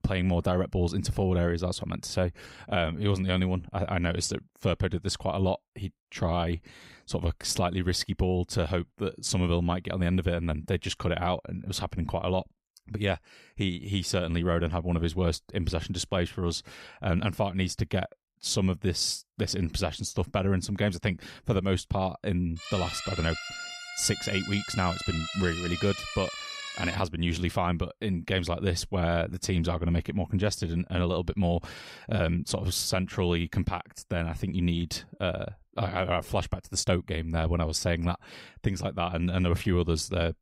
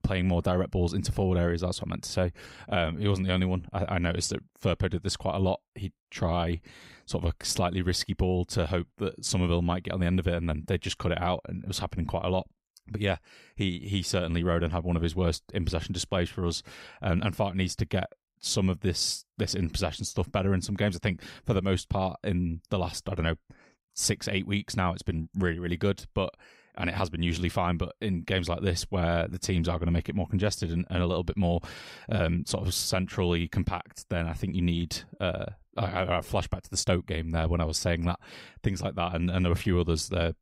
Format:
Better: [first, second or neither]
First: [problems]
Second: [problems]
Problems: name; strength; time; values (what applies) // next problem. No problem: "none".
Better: second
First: siren; noticeable; from 23 to 27 s; peak 5 dB below the speech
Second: none